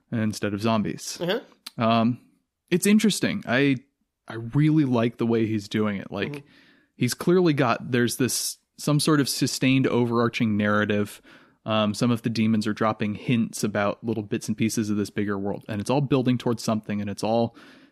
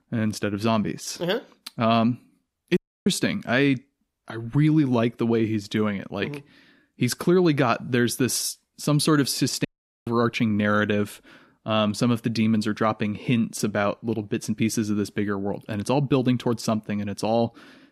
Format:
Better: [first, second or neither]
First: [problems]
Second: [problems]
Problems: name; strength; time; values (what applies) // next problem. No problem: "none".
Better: first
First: none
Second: audio cutting out; at 3 s and at 9.5 s